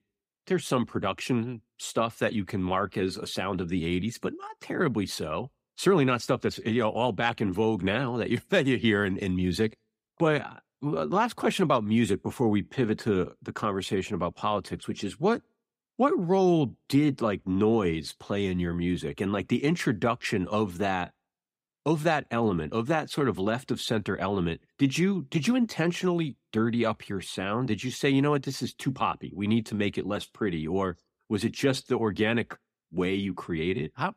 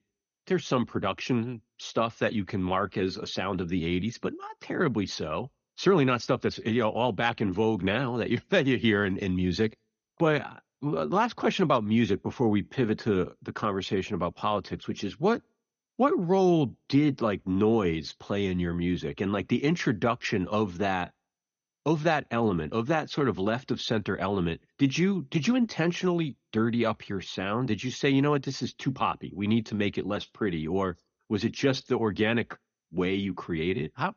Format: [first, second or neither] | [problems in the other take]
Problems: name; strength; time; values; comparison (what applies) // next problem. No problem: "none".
first | garbled, watery; slightly; nothing above 6.5 kHz